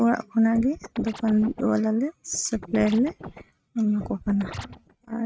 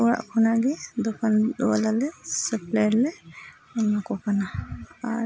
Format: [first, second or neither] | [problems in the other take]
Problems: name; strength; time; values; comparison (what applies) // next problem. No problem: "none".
second | noise reduction (neural mask model RNNoise)